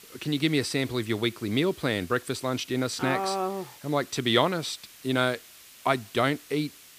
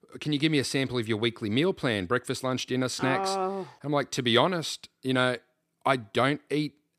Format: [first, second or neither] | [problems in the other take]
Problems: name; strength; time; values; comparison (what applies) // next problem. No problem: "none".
second | hiss; noticeable; throughout; 20 dB below the speech